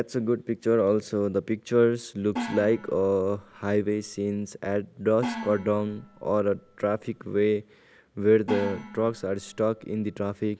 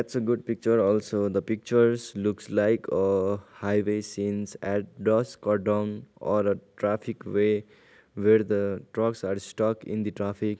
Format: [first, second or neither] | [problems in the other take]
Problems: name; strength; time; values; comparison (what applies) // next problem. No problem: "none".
second | background sound (Gong); 12 dB below the speech